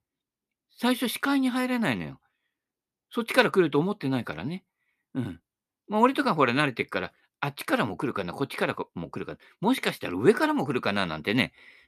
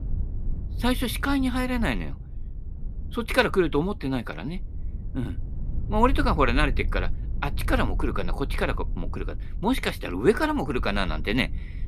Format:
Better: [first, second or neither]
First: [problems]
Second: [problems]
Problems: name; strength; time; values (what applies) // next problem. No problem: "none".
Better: first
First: none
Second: low rumble; faint; throughout; 25 dB below the speech